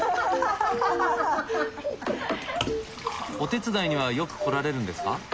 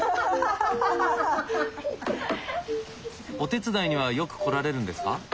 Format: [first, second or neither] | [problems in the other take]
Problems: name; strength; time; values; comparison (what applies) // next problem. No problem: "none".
second | background sound (Liquid); 13 dB below the speech